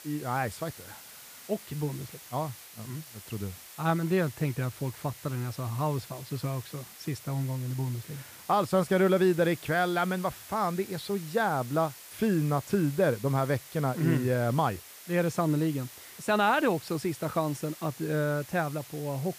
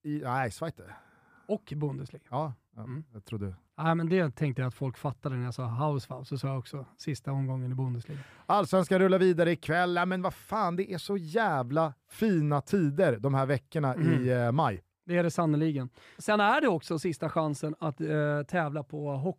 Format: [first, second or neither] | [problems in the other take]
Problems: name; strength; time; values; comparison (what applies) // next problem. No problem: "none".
second | hiss; noticeable; throughout; 15 dB below the speech